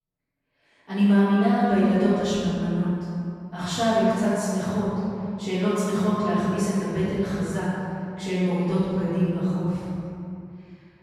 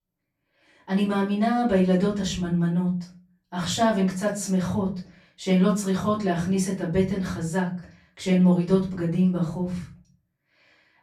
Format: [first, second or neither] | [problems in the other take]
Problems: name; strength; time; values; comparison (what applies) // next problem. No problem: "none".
second | room echo; strong; dies away in 2.4 s; slight in the second // off-mic speech; far; far in the second